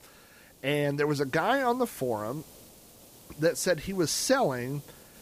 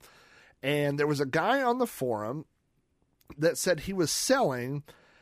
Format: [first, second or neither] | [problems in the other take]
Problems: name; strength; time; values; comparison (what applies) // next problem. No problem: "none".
second | hiss; faint; throughout; 25 dB below the speech